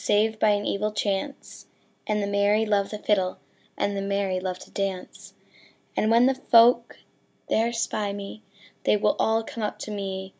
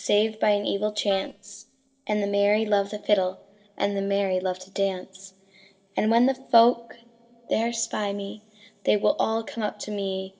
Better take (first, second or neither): first